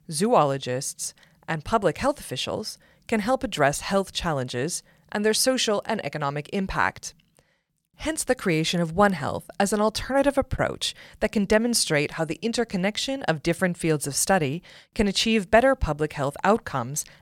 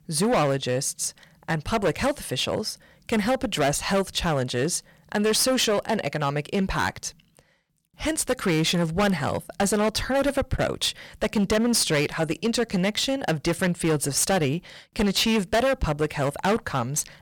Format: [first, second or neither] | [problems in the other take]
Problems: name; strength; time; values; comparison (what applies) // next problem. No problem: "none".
first | distortion; heavy; 11% of the sound clipped